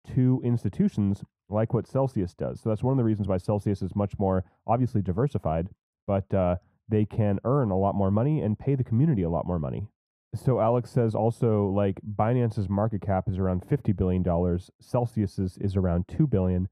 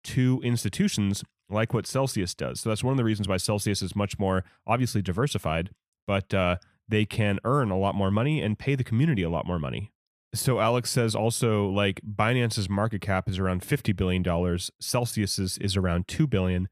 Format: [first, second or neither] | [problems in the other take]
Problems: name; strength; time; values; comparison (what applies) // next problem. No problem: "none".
second | muffled; very; fading above 1.5 kHz